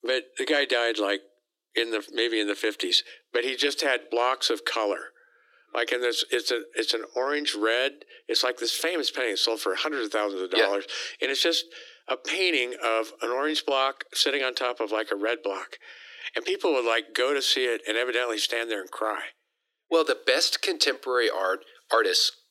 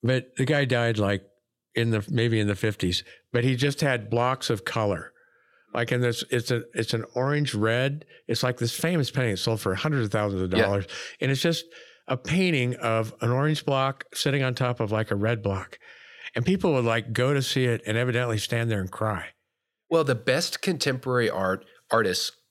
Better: second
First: thin; very; fading below 300 Hz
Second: none

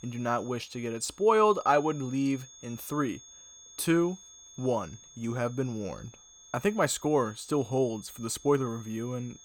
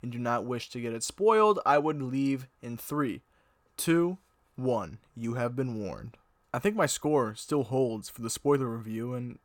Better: second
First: high-pitched whine; faint; throughout; 6.5 kHz, 20 dB below the speech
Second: none

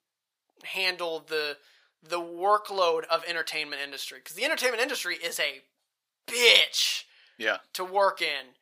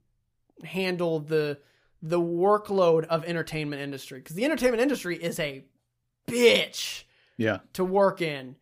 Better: second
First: thin; very; fading below 800 Hz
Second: none

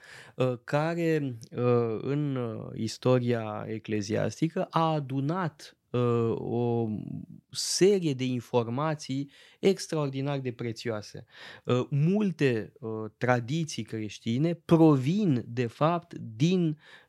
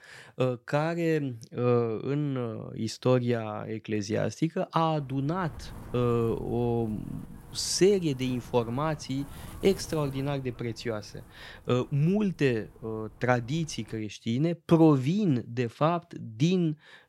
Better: first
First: none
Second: wind noise on the microphone; occasional gusts; from 5 to 14 s; 25 dB below the speech

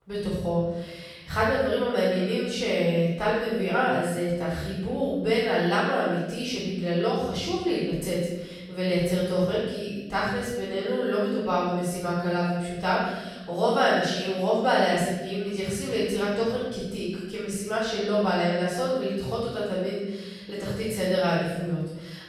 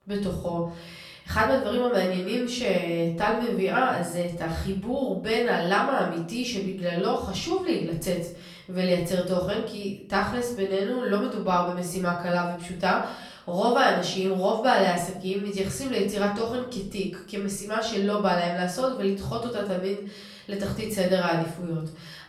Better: second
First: room echo; strong; dies away in 1.1 s // off-mic speech; far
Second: room echo; slight; dies away in 0.5 s // off-mic speech; far

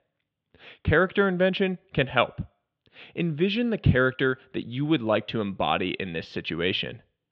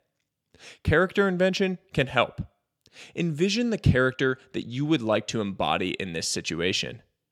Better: second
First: muffled; very; fading above 3.5 kHz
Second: none

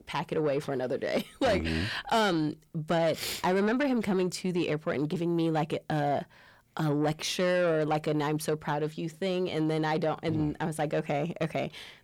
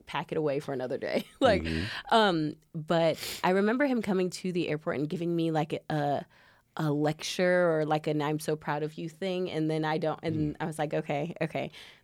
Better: second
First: distortion; slight; 10 dB below the speech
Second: none

